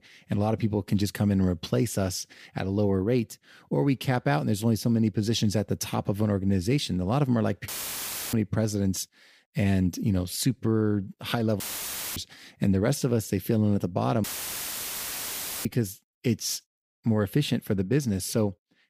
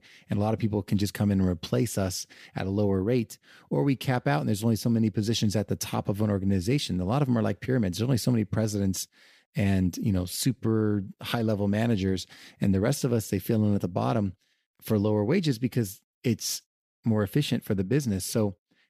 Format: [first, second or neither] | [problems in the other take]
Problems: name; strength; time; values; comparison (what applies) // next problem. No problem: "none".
second | audio cutting out; filled with static; at 7.5 s for 0.5 s, at 12 s for 0.5 s and at 14 s for 1.5 s